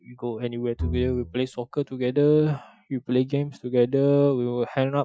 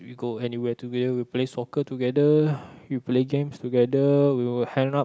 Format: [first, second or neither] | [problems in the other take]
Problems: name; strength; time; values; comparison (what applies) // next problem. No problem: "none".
second | noise reduction (classical method Wiener filter)